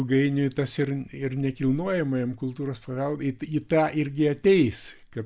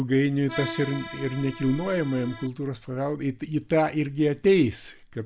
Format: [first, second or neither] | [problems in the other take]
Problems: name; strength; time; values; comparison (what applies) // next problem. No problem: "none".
first | background sound (Accordion); 12 dB below the speech